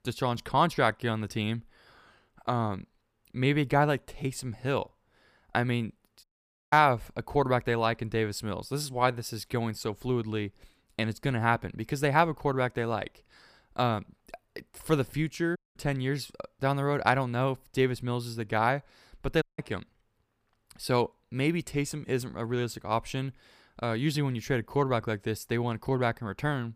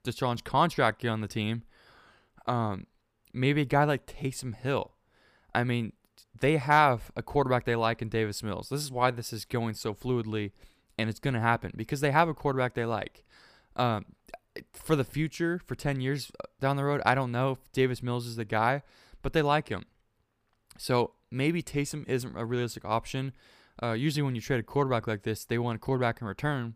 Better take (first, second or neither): second